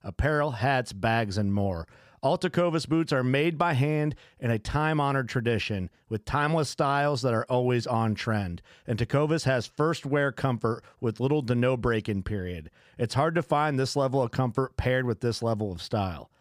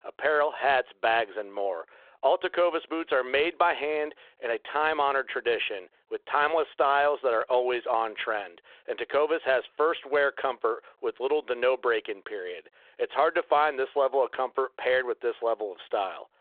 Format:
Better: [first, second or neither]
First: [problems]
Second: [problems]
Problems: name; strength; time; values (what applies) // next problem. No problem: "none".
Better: first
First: none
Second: phone-call audio